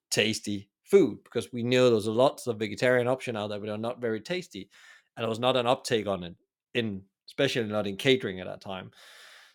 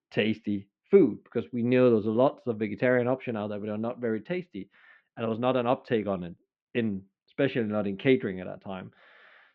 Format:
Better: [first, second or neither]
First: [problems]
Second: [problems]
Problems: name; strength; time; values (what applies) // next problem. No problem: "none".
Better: first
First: none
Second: muffled; very; fading above 2.5 kHz